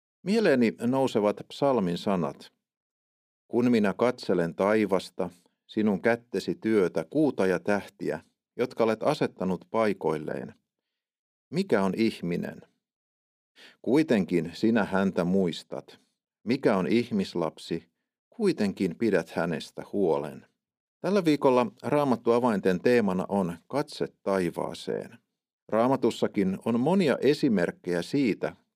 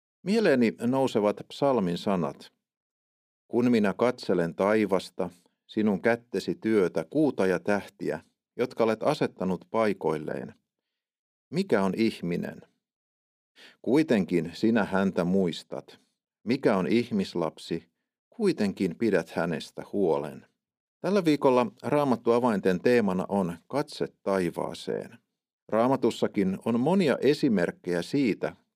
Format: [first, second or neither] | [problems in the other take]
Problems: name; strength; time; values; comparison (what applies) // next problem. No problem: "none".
neither | none